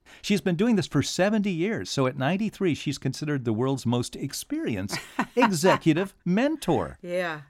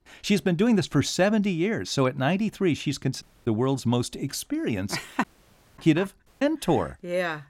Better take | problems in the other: first | audio cutting out; at 3 s, at 5 s for 0.5 s and at 6.5 s

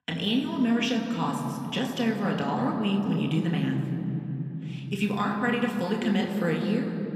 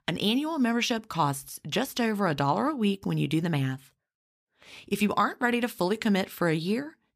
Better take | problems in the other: second | room echo; noticeable; dies away in 3 s // off-mic speech; somewhat distant

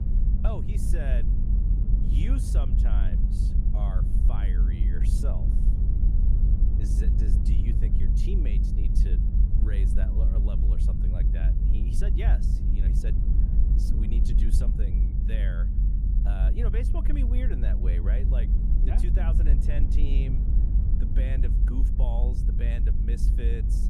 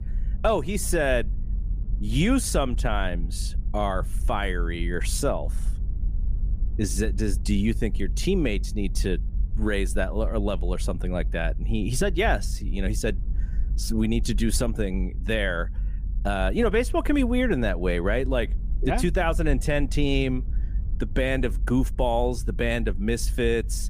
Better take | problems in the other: second | low rumble; loud; throughout; 1 dB below the speech; faint in the second

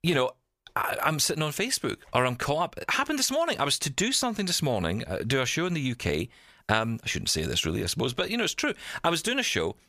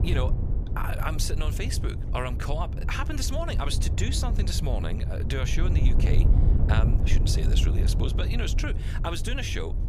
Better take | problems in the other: first | wind noise on the microphone; heavy; 8 dB below the speech

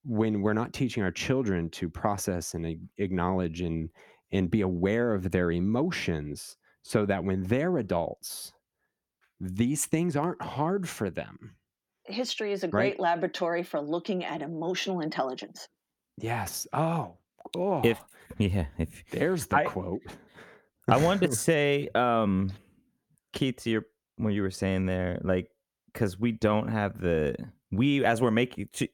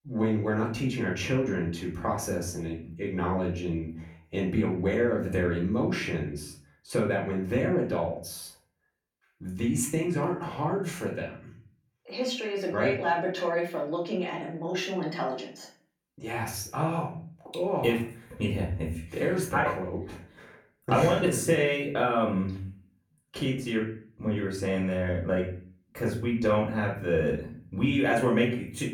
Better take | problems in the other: first | off-mic speech; far // room echo; slight; dies away in 0.4 s

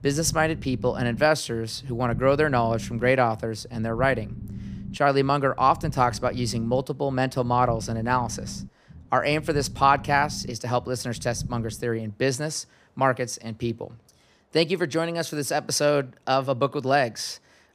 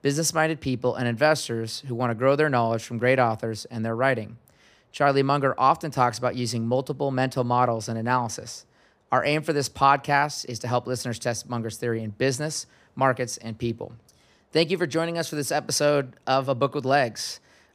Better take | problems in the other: second | low rumble; faint; until 12 s; 25 dB below the speech

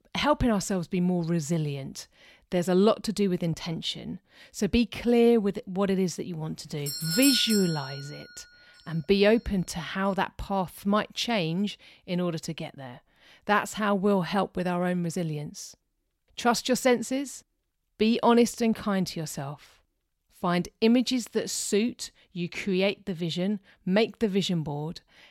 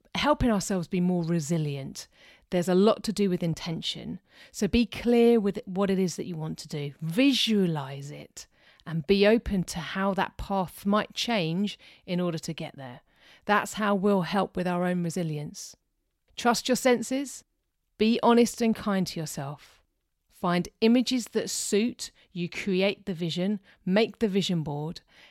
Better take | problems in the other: second | doorbell; loud; from 7 to 8 s; peak 2 dB above the speech

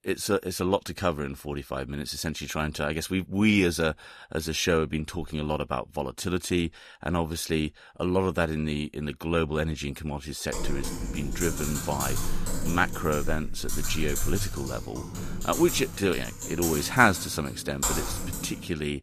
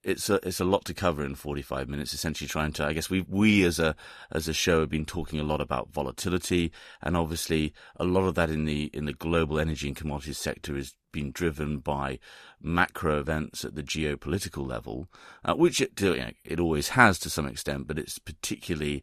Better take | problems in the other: second | keyboard typing; loud; from 11 s on; peak 1 dB above the speech

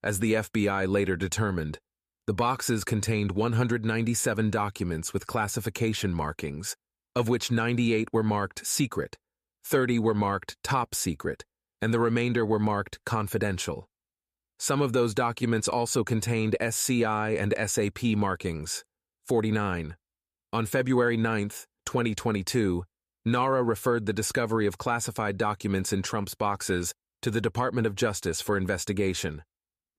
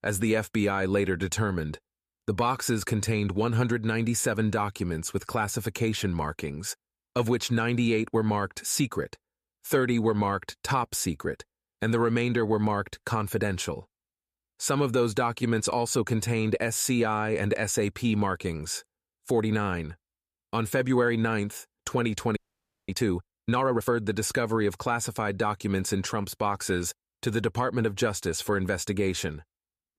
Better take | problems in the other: first | audio freezing; at 22 s for 0.5 s

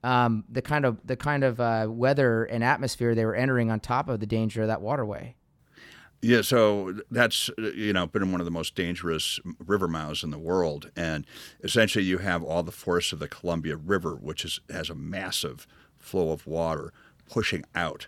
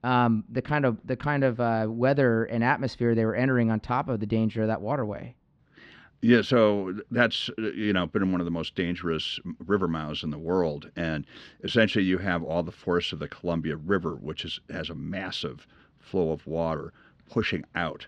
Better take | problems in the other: first | muffled; very slightly; fading above 4 kHz

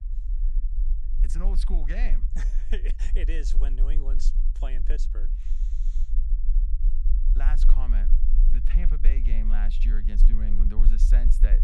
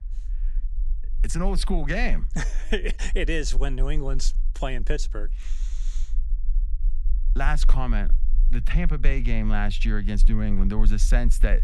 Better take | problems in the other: second | low rumble; loud; throughout; 9 dB below the speech; faint in the second

